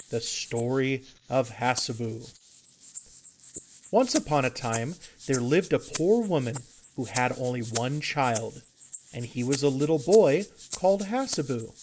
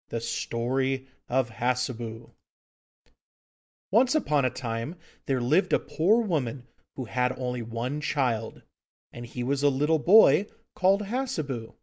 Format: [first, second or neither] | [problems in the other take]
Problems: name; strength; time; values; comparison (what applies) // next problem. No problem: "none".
second | noise reduction (neural mask model Resemble Enhance denoiser)